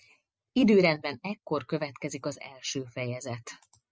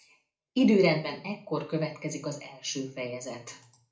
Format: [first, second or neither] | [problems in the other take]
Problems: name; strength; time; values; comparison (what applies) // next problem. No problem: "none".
first | room echo; dies away in 0.4 s